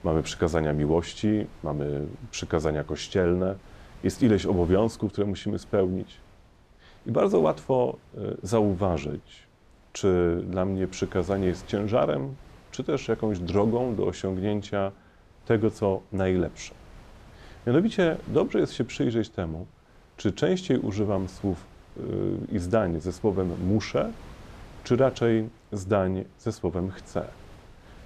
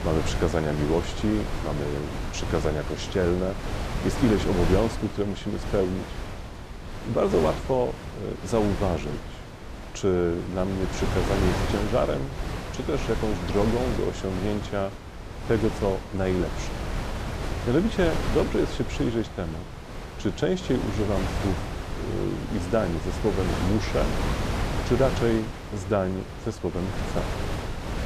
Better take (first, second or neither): first